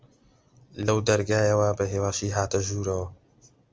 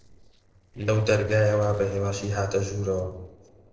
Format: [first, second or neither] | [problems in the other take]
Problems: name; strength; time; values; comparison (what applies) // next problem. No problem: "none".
first | noise reduction (neural separator model SepFormer DNS4)